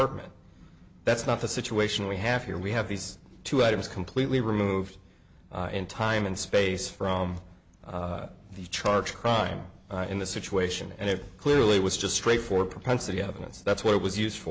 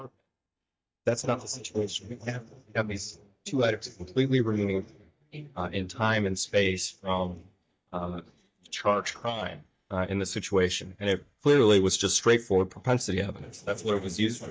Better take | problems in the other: first | noise reduction (neural mask model DeepFilterNet 3)

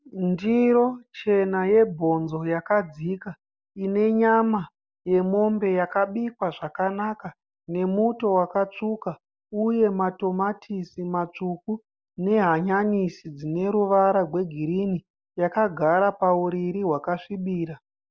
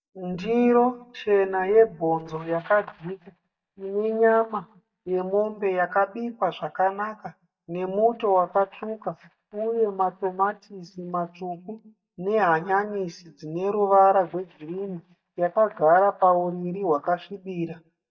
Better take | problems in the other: first | noise reduction (neural mask model DeepFilterNet 3)

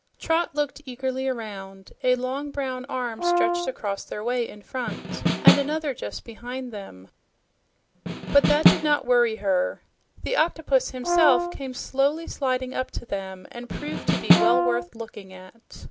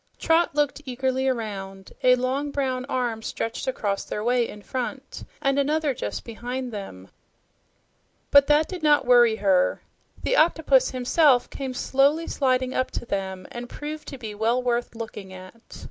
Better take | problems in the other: second | background sound (Brass instrument + Snare drum); 3 dB above the speech

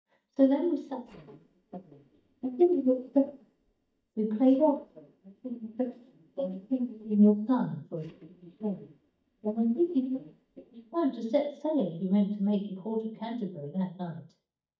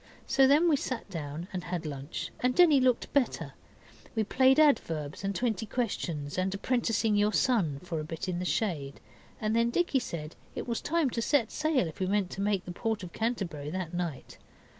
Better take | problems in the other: second | noise reduction (neural mask model DeepFilterNet 3)

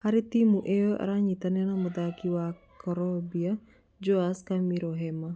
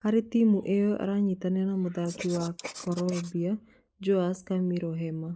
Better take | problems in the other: first | noise reduction (neural mask model Resemble Enhance denoiser)

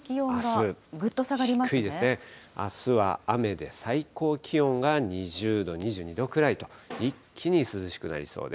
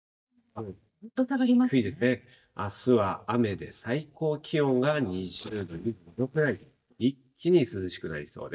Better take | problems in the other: first | noise reduction (neural mask model DeepFilterNet 3)

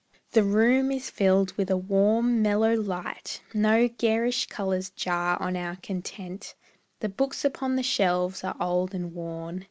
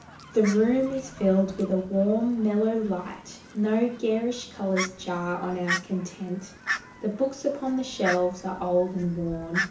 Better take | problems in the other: first | background sound (Fowl); 11 dB below the speech // room echo; dies away in 0.7 s

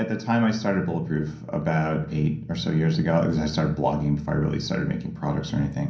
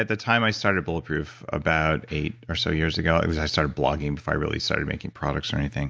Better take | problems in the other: second | room echo; dies away in 0.6 s

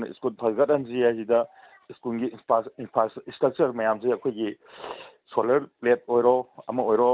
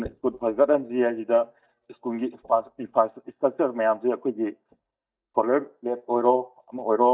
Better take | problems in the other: first | noise reduction (neural mask model DeepFilterNet 3)

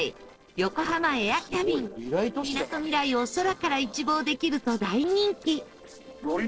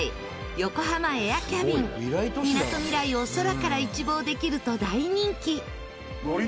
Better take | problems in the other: second | noise reduction (neural separator model SepFormer DNS4)

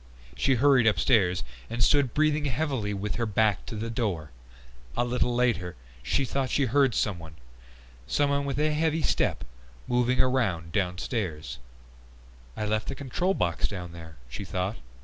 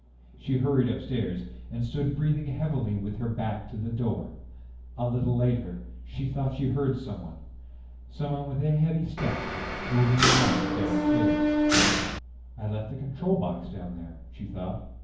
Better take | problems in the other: first | background sound (Mechanisms); 4 dB above the speech // room echo; dies away in 0.9 s

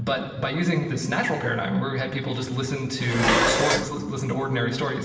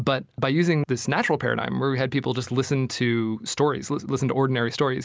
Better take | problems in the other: second | background sound (Dishes, pots, and pans); as loud as the speech // room echo; dies away in 1.2 s

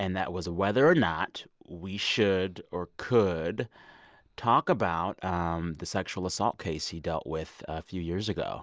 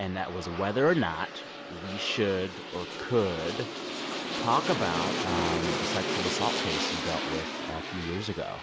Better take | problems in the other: first | background sound (Aircraft); 2 dB below the speech

